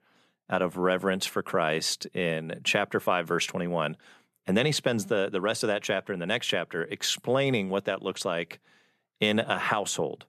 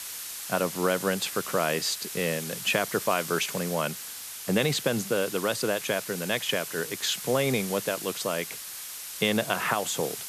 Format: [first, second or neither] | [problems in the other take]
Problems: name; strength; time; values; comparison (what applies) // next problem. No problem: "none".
first | hiss; loud; throughout; 7 dB below the speech